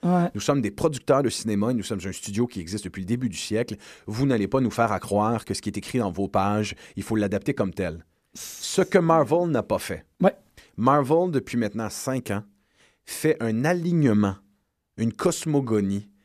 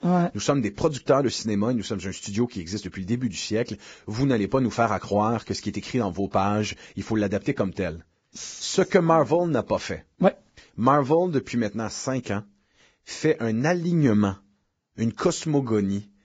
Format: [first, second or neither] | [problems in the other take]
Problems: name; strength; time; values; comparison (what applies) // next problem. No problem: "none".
first | garbled, watery; badly; nothing above 7.5 kHz